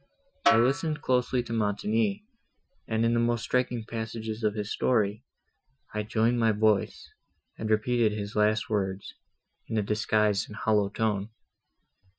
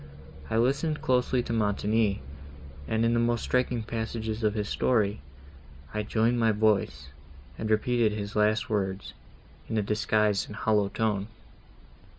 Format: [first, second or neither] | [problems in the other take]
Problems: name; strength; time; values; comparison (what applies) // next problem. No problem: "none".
second | noise reduction (classical method Wiener filter)